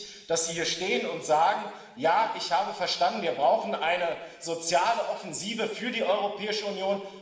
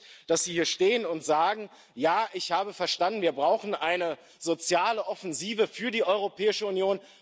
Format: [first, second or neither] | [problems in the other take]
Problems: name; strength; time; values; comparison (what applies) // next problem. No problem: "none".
second | room echo; dies away in 1.2 s